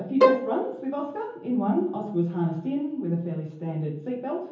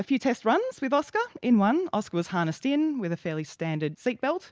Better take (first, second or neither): second